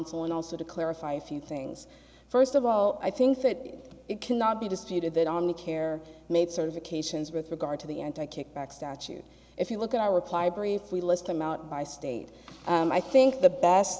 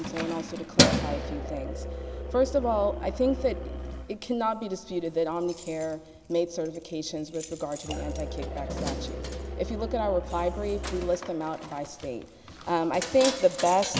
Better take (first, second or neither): first